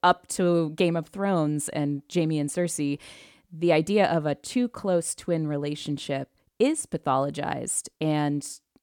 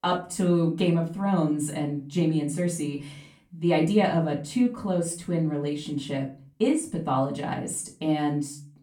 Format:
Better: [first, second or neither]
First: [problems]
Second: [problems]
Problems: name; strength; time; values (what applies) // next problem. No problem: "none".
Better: first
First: none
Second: off-mic speech; far // room echo; slight; dies away in 0.3 s